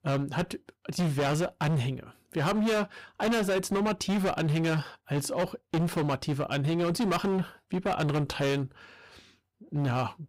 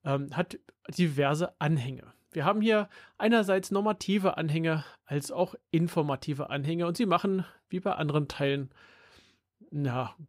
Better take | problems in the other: second | distortion; heavy; 20% of the sound clipped

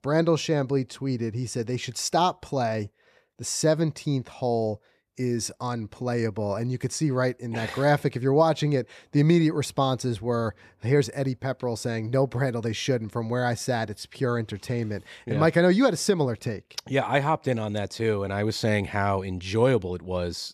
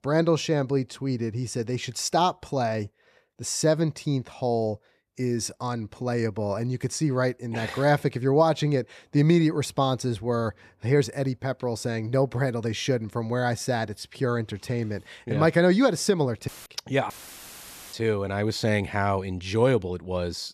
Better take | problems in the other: first | audio cutting out; filled with static; at 16 s and at 17 s for 1 s

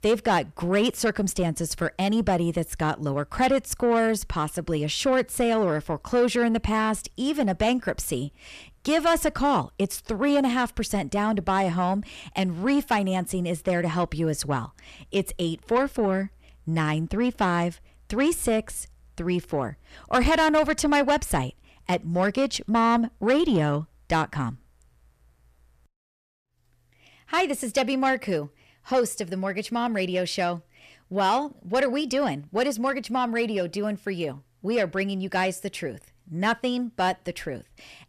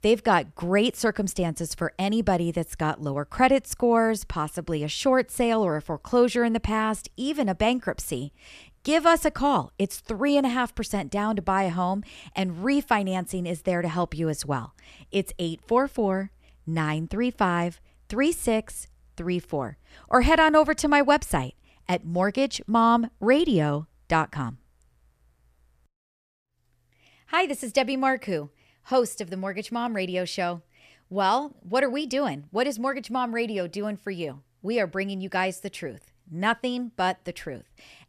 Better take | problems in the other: second | distortion; slight; 10 dB below the speech

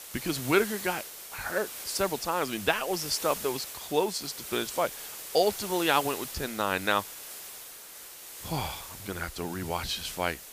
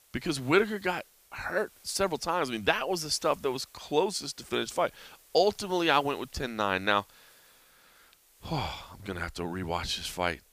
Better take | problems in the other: second | hiss; loud; throughout; 9 dB below the speech; faint in the second

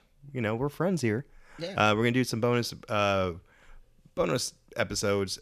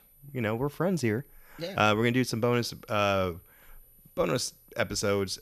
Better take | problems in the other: first | high-pitched whine; faint; throughout; 12 kHz, 30 dB below the speech

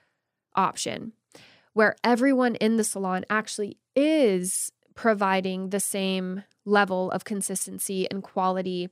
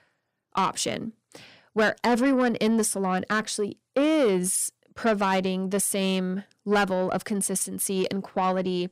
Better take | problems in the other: first | distortion; slight; 10 dB below the speech

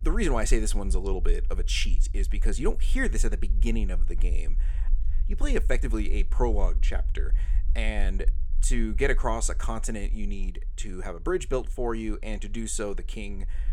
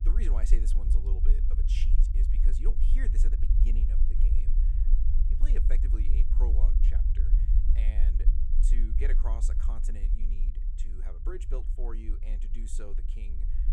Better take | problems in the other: first | low rumble; loud; throughout; 4 dB below the speech; faint in the first

